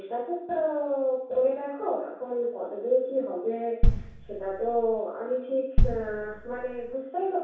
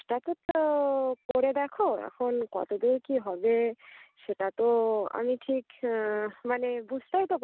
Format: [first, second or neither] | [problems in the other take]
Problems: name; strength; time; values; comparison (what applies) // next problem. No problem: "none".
second | background sound (Bass drum); 4 dB above the speech // room echo; dies away in 0.7 s